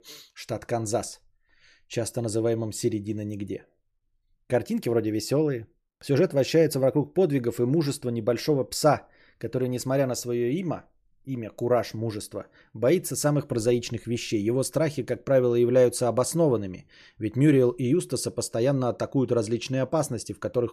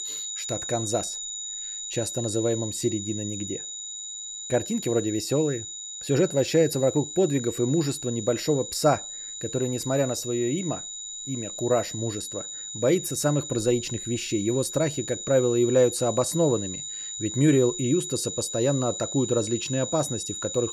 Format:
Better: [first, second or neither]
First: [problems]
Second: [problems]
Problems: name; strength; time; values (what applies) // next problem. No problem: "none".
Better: first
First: none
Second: high-pitched whine; loud; throughout; 7 kHz, 7 dB below the speech